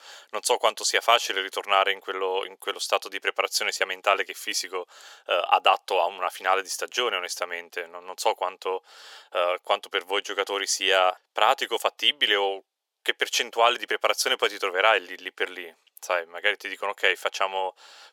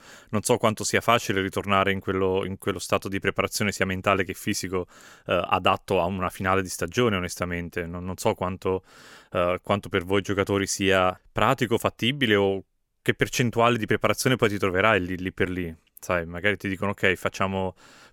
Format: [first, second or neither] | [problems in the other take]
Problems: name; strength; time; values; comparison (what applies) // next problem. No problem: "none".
second | thin; very; fading below 450 Hz